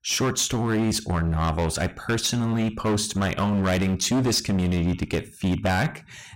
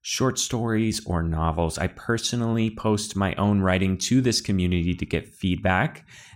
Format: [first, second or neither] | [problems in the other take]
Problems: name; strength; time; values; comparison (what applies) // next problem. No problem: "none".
second | distortion; heavy; 19% of the sound clipped